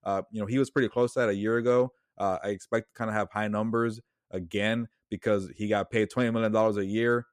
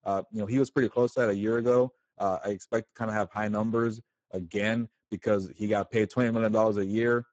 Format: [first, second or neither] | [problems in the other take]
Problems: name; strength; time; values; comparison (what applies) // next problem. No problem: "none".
first | garbled, watery; badly; nothing above 7.5 kHz